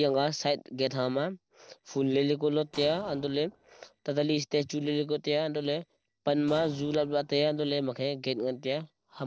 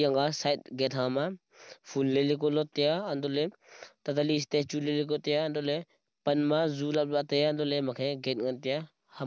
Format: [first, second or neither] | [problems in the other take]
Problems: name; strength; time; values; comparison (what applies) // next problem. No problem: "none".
second | noise reduction (neural separator model SepFormer DNS4)